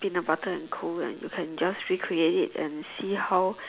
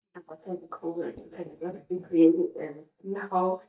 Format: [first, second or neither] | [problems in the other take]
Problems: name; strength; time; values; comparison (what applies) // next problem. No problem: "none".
first | noise reduction (neural mask model DeepFilterNet 3)